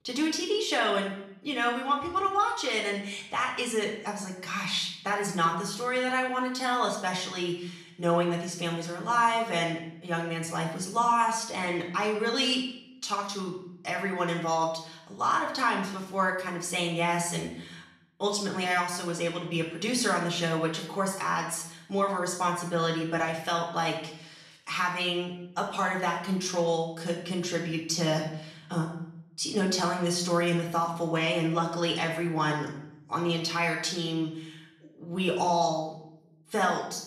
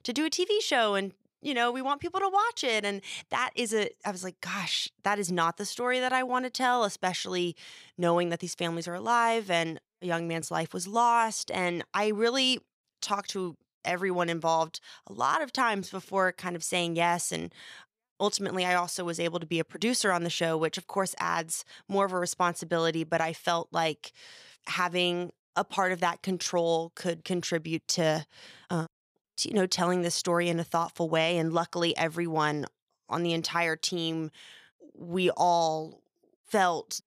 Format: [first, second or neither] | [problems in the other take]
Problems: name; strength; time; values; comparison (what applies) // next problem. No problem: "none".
second | off-mic speech; far // room echo; noticeable; dies away in 0.7 s